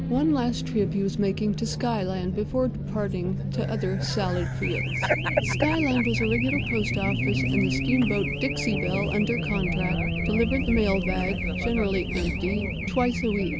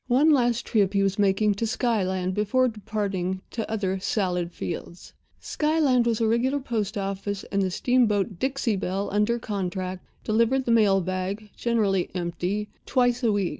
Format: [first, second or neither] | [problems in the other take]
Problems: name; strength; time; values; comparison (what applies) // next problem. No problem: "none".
second | background sound (Race car, auto racing / Alarm); as loud as the speech